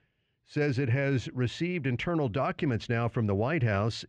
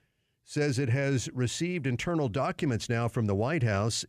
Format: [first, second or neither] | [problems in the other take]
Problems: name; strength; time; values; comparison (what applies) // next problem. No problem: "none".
second | muffled; slightly; fading above 3 kHz